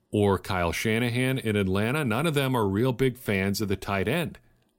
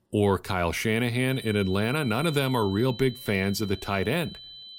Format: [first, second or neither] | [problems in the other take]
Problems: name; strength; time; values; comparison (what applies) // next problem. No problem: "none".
first | high-pitched whine; noticeable; from 1.5 s on; 4 kHz, 15 dB below the speech